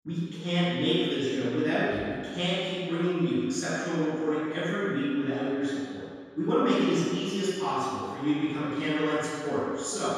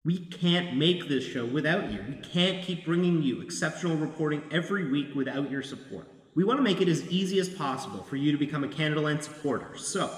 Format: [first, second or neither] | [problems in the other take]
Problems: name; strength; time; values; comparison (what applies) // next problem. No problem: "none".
second | room echo; strong; dies away in 1.8 s; slight in the second // off-mic speech; far